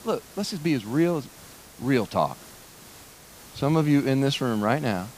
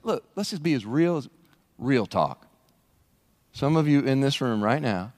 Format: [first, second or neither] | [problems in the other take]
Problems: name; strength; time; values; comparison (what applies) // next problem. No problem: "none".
second | hiss; faint; throughout; 20 dB below the speech